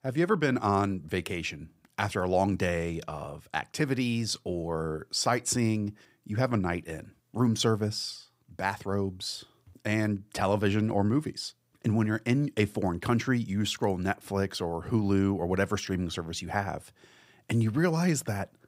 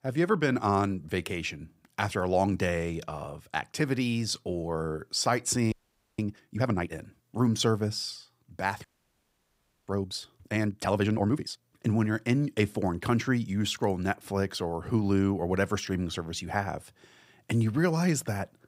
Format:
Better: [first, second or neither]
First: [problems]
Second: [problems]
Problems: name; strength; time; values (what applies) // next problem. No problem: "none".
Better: first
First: none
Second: audio freezing; at 5.5 s and at 9 s for 1 s